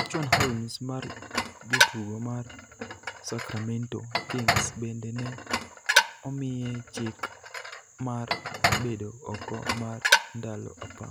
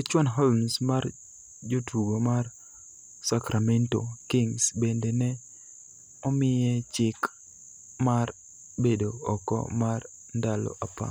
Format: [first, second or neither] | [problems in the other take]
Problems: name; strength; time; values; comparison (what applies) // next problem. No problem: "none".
second | background sound (Dishes, pots, and pans); 5 dB above the speech